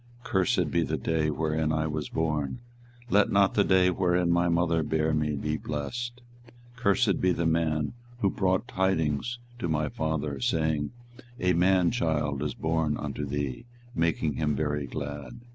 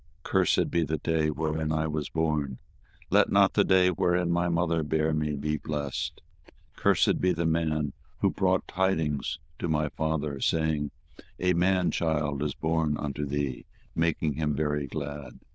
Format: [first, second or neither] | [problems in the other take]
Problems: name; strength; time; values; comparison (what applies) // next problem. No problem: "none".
first | noise reduction (neural diffusion model UNIVERSE++)